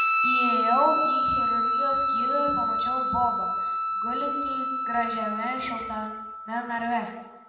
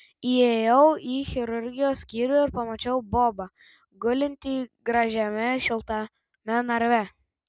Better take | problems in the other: second | background sound (Guitar); 4 dB above the speech // room echo; dies away in 1 s

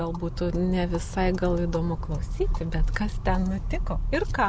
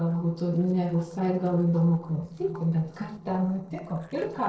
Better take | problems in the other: first | noise reduction (neural separator model SepFormer DNS4)

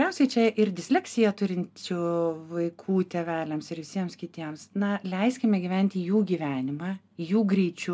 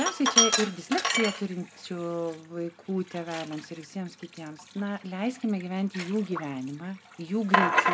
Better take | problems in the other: first | background sound (Sink (filling or washing)); as loud as the speech

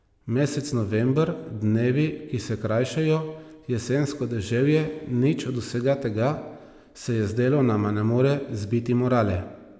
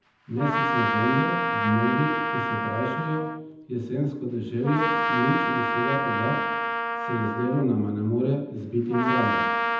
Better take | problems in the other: first | background sound (Trumpet); as loud as the speech // room echo; dies away in 0.8 s

